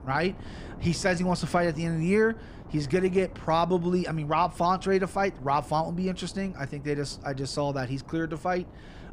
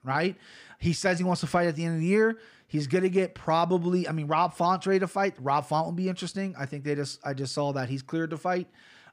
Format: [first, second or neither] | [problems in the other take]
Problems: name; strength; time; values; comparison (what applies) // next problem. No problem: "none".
second | wind noise on the microphone; occasional gusts; 20 dB below the speech